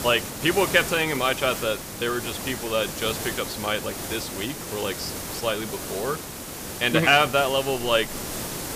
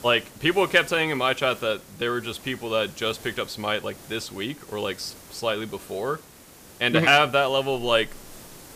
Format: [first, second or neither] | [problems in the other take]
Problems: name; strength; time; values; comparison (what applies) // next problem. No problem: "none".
second | hiss; loud; throughout; 7 dB below the speech; faint in the second